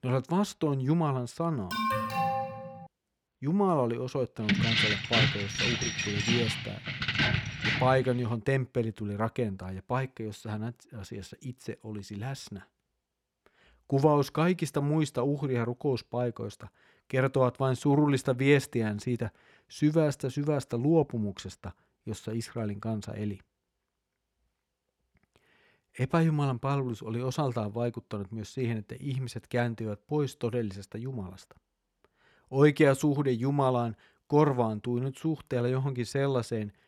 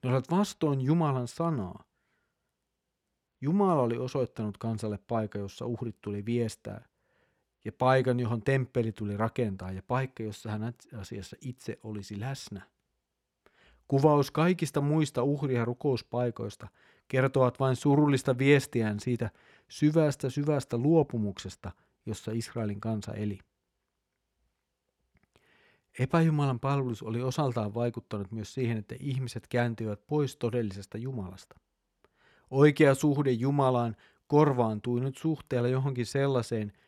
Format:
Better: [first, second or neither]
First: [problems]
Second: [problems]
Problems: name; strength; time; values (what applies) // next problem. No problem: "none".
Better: second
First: alarm; loud; from 1.5 to 3 s; peak 1 dB above the speech // jangling keys; loud; from 4.5 to 8 s; peak 5 dB above the speech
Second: none